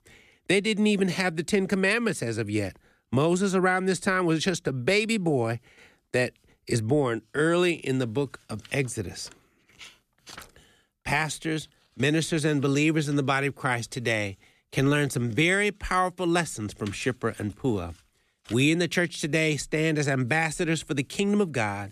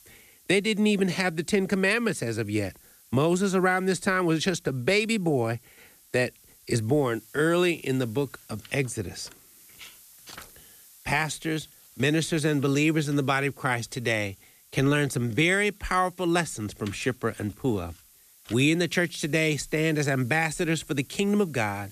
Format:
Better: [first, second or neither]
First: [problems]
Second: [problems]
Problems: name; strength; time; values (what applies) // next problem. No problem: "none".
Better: first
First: none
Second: hiss; faint; throughout; 25 dB below the speech